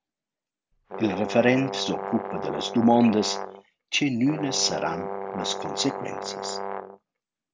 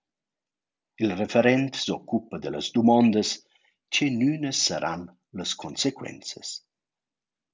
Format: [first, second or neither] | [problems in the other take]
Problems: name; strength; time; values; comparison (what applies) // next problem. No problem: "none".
second | background sound (Brass instrument); 7 dB below the speech